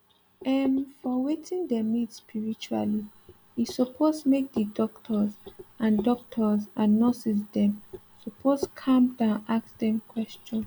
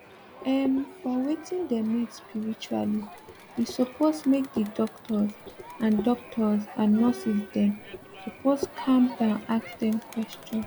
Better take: first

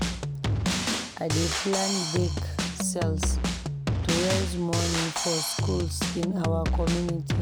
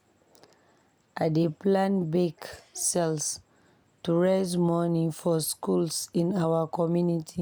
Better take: second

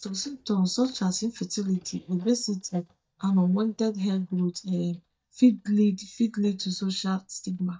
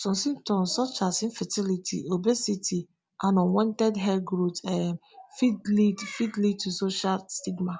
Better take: second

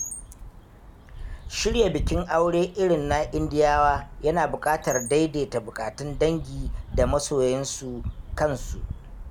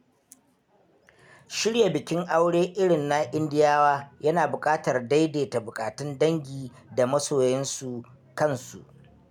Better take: second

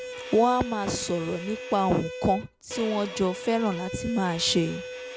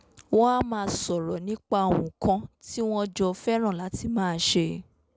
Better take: second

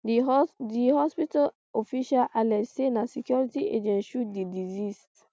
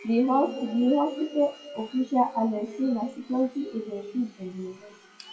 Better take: first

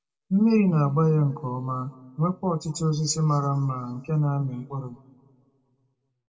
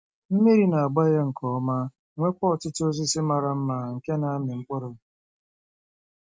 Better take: second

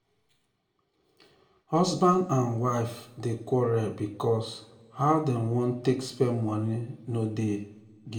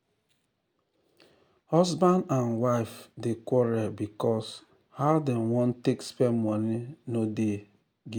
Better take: second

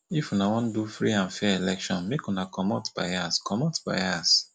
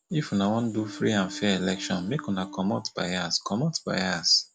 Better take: first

